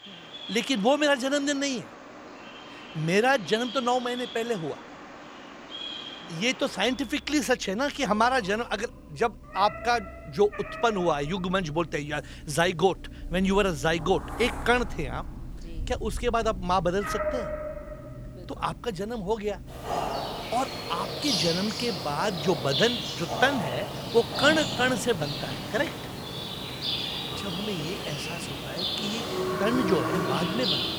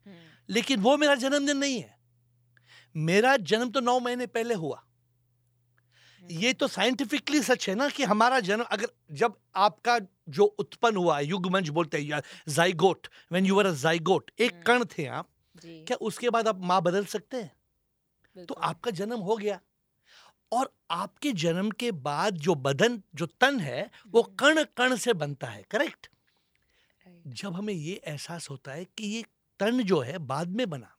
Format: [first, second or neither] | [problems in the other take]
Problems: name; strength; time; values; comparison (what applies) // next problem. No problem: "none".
second | animal sounds; loud; throughout; 6 dB below the speech